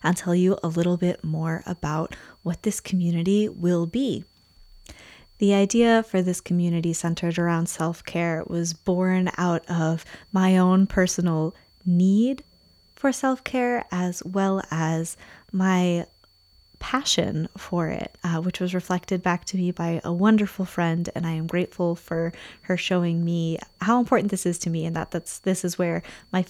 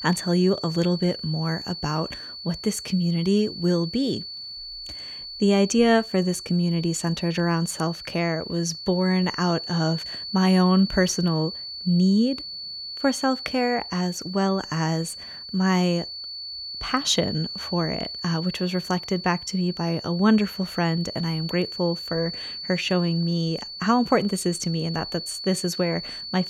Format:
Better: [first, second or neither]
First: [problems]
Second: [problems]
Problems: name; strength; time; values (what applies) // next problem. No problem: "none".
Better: first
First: high-pitched whine; faint; throughout; 4.5 kHz, 35 dB below the speech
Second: high-pitched whine; loud; throughout; 4.5 kHz, 9 dB below the speech